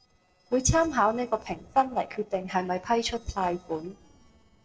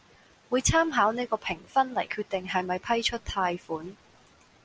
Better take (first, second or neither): second